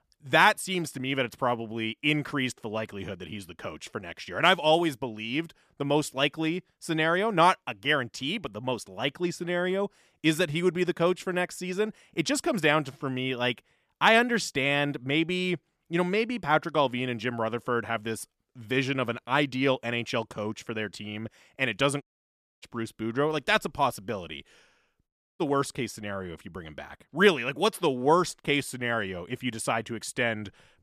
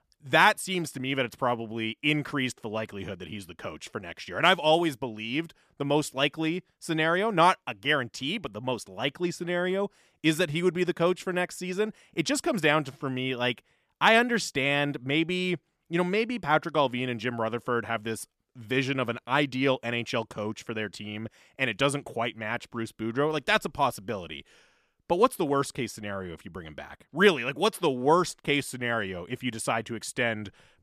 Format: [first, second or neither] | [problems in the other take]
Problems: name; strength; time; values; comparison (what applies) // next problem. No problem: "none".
second | audio cutting out; at 22 s for 0.5 s and at 25 s